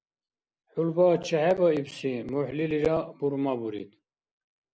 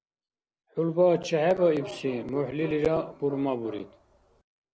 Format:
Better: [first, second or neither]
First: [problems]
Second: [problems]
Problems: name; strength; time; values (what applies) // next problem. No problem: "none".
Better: first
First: none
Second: background sound (Bark); 15 dB below the speech